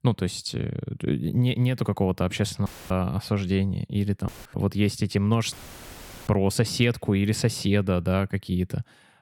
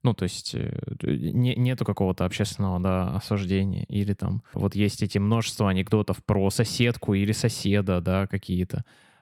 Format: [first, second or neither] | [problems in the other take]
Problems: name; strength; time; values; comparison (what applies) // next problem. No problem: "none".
second | audio cutting out; filled with static; at 2.5 s, at 4.5 s and at 5.5 s for 1 s